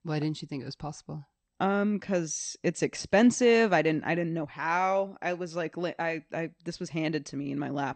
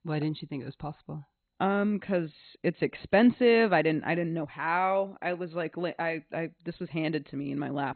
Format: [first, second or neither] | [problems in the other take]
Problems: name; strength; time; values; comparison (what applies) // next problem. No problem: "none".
first | garbled, watery; badly; nothing above 4 kHz; slightly in the first